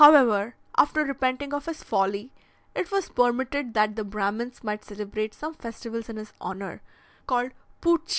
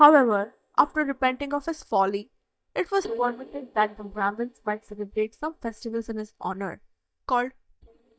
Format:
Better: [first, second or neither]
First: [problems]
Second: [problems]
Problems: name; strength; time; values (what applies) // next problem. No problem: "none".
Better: first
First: none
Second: noise reduction (neural mask model DeepFilterNet 3)